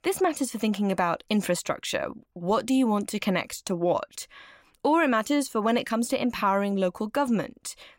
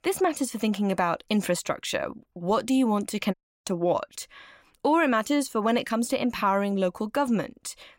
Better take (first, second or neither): first